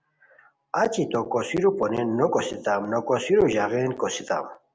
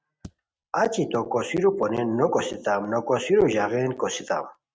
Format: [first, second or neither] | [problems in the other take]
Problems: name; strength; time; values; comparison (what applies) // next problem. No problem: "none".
first | noise reduction (neural mask model RNNoise)